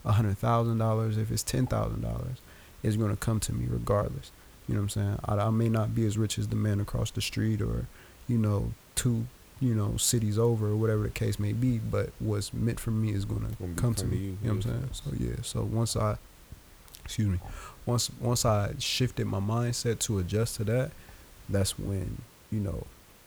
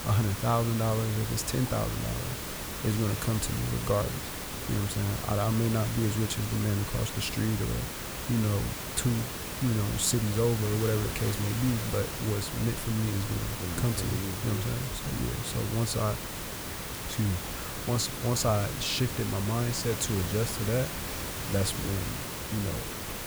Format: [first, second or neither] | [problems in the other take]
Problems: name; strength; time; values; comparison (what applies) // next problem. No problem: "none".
first | hiss; loud; throughout; 4 dB below the speech; faint in the first